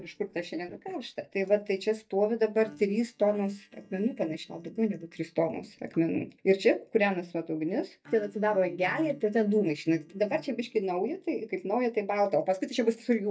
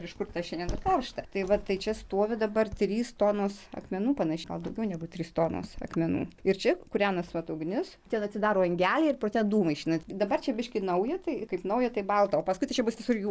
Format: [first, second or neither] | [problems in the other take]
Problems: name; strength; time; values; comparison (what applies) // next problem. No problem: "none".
second | noise reduction (neural mask model DeepFilterNet 3)